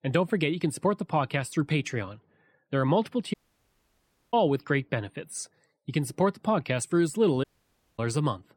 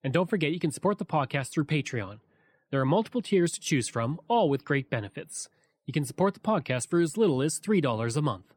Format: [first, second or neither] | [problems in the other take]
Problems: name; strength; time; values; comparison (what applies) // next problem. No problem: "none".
second | audio cutting out; at 3.5 s for 1 s and at 7.5 s for 0.5 s